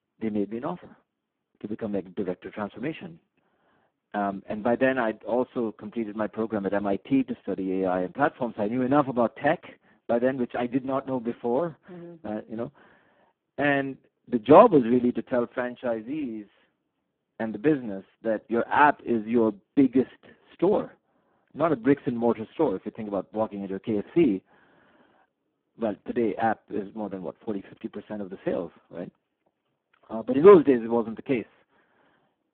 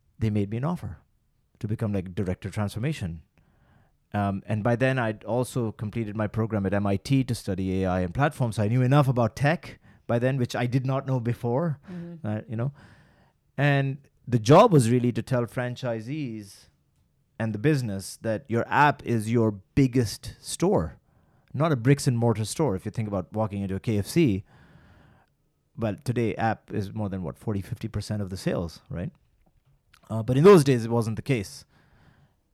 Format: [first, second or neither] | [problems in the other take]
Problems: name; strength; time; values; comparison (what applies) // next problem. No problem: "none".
second | phone-call audio; poor line; nothing above 3.5 kHz